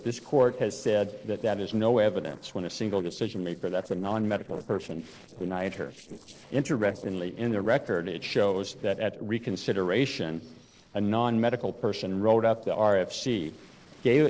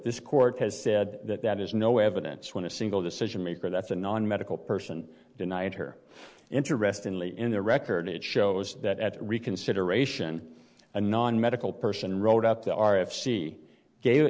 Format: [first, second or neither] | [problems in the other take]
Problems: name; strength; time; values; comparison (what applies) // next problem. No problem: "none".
second | noise reduction (neural separator model SepFormer DNS4)